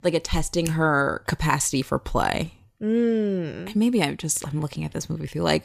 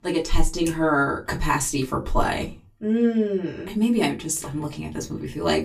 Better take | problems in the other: first | off-mic speech; far // room echo; very slight; dies away in 0.2 s

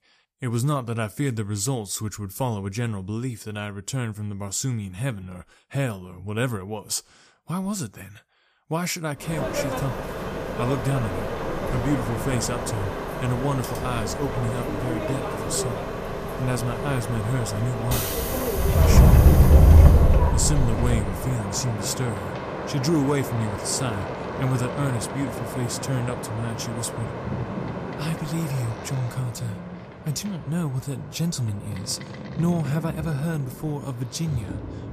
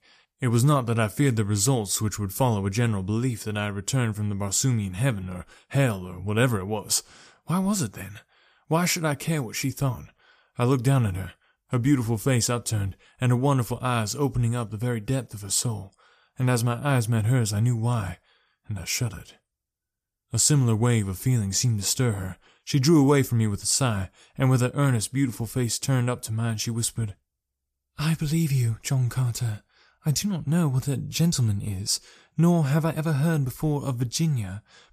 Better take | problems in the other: second | train or aircraft noise; very loud; from 9.5 s on; 3 dB above the speech

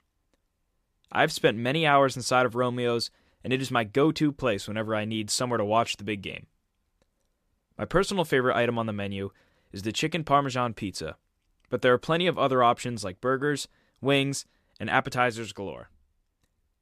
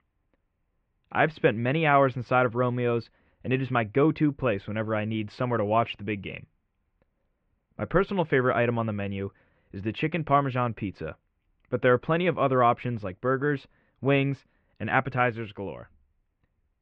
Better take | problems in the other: first | muffled; very; fading above 2.5 kHz

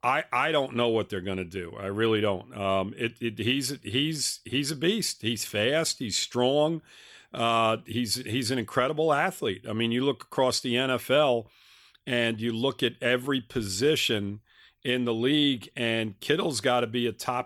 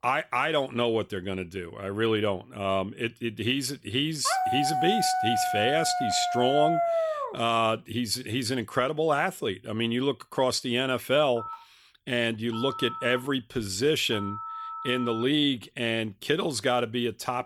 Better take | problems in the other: first | dog barking; loud; from 4.5 to 7.5 s; peak 2 dB above the speech // phone ringing; noticeable; from 11 to 15 s; peak 8 dB below the speech

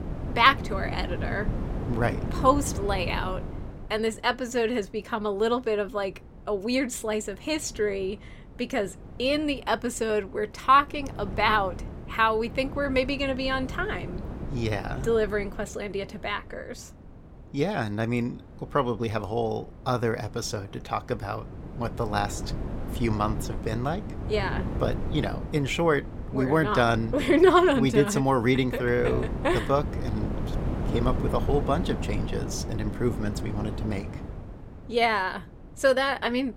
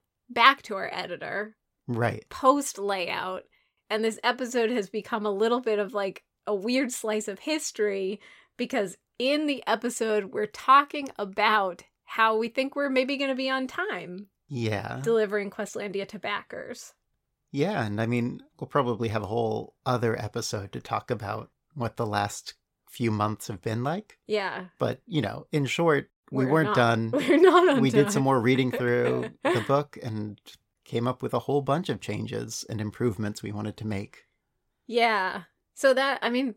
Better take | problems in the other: second | wind noise on the microphone; occasional gusts; 15 dB below the speech

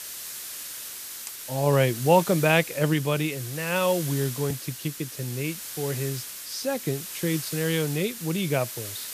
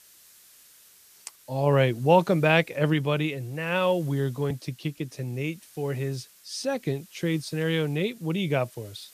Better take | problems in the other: second | hiss; loud; throughout; 8 dB below the speech; faint in the second

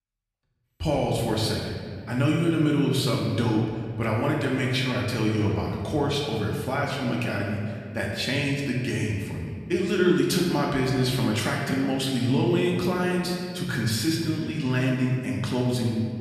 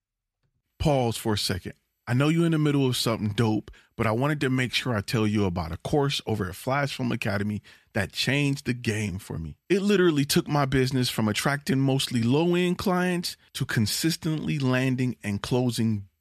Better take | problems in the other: second | room echo; noticeable; dies away in 1.8 s // off-mic speech; far

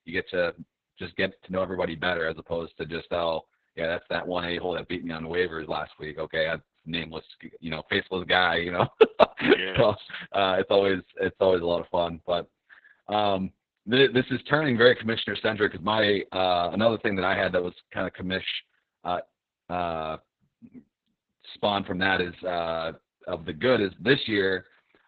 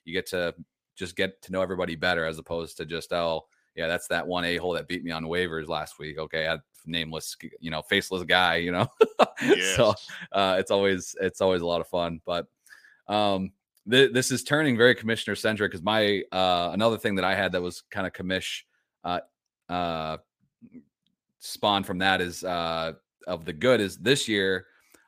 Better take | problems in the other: second | garbled, watery; badly; nothing above 4 kHz

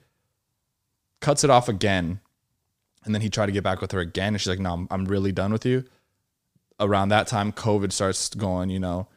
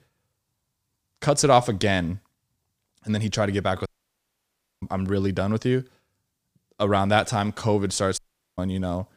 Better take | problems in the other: first | audio cutting out; at 4 s for 1 s and at 8 s

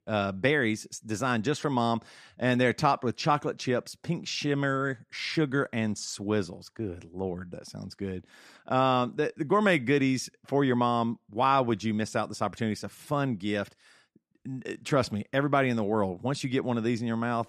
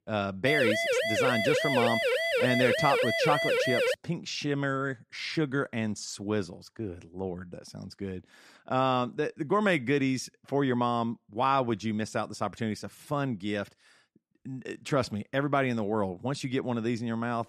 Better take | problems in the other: first | siren; loud; until 4 s; peak 4 dB above the speech

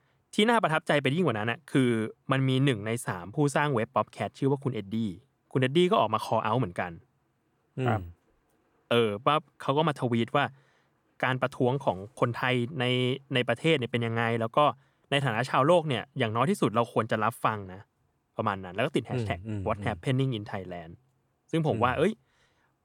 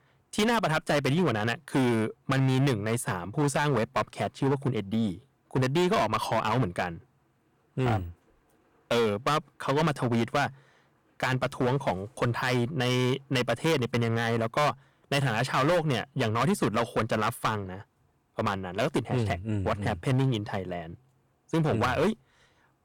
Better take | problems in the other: first | distortion; heavy; 14% of the sound clipped

